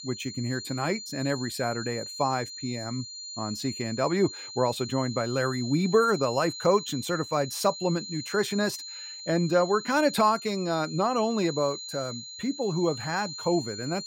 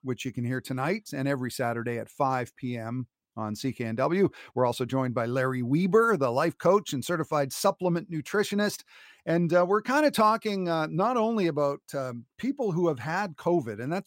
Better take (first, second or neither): second